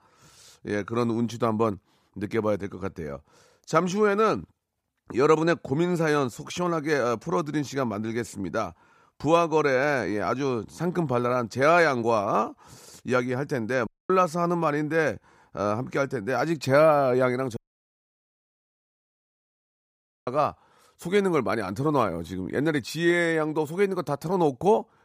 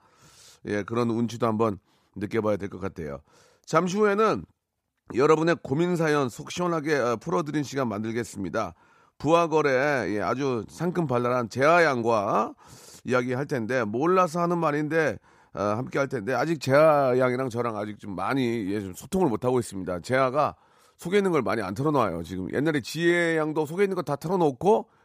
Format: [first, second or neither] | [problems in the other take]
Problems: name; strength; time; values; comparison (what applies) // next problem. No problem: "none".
second | audio cutting out; at 14 s and at 18 s for 2.5 s